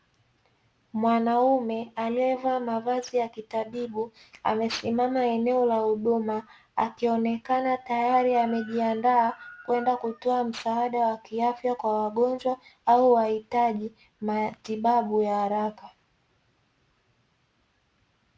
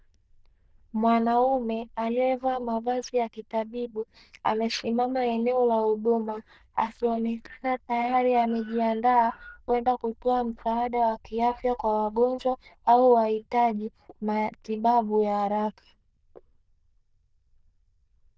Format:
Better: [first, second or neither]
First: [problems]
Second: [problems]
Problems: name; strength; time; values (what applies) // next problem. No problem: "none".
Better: first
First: none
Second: noise reduction (neural diffusion model UNIVERSE++)